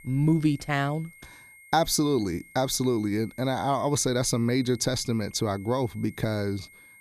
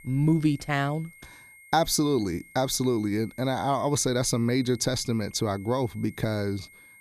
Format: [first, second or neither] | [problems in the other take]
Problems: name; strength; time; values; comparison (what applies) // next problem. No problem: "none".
neither | high-pitched whine; faint; throughout; 2 kHz, 25 dB below the speech; the same in both